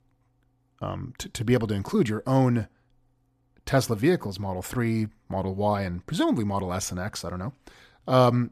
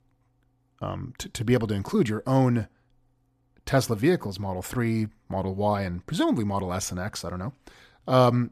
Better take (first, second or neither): neither